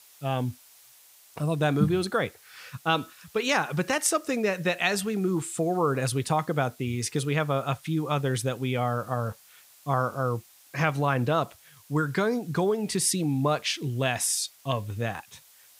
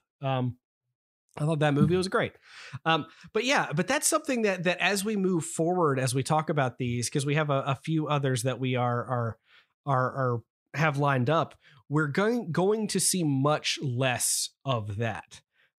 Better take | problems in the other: second | hiss; faint; throughout; 25 dB below the speech

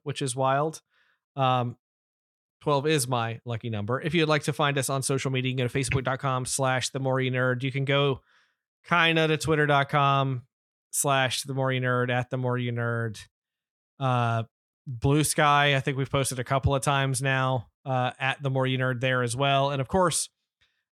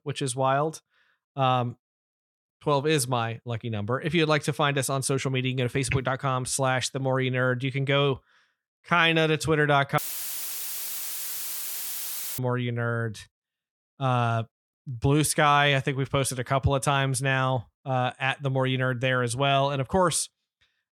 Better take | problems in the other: first | audio cutting out; filled with static; at 10 s for 2.5 s

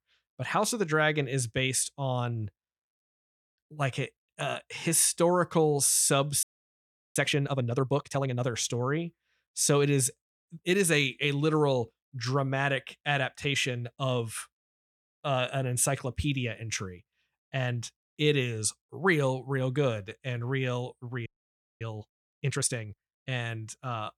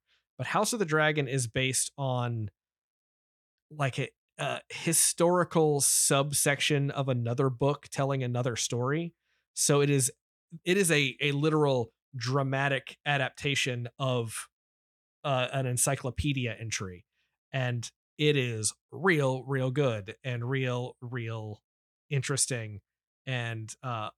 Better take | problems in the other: second | audio freezing; at 6.5 s for 0.5 s and at 21 s for 0.5 s

